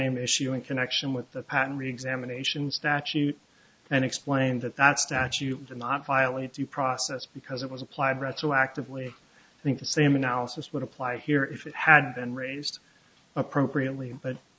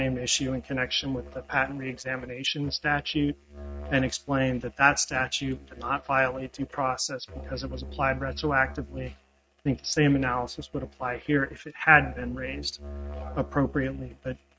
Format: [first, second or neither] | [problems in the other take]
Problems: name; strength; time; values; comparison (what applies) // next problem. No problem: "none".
first | noise reduction (neural mask model RNNoise)